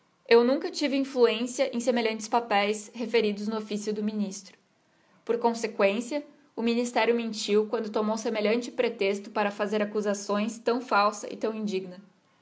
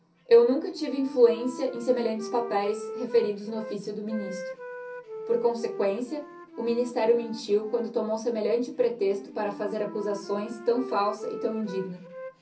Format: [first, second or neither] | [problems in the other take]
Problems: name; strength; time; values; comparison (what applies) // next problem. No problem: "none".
first | background sound (Wind instrument, woodwind instrument); 13 dB below the speech // room echo; dies away in 0.3 s